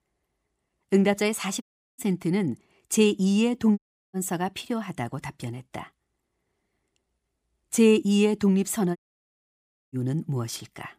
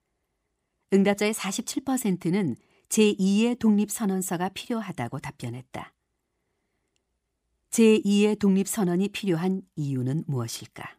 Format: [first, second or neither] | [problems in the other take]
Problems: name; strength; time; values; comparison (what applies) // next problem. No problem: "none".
second | audio cutting out; at 1.5 s, at 4 s and at 9 s for 1 s